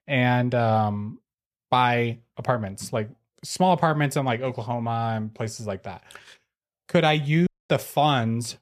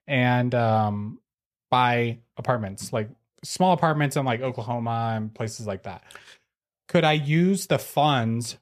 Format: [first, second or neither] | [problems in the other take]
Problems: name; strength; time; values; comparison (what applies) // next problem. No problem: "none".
second | audio cutting out; at 7.5 s